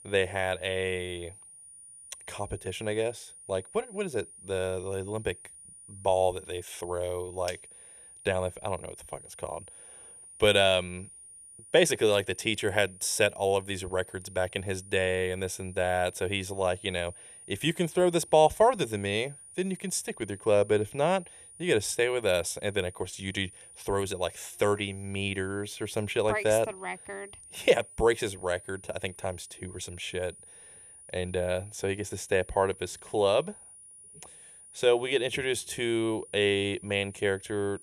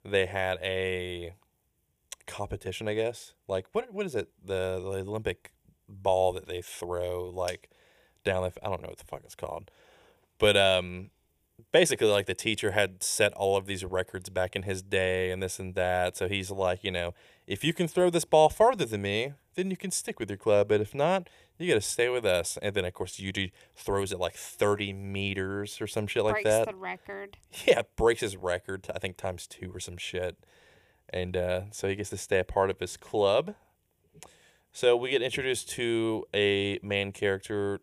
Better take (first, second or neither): second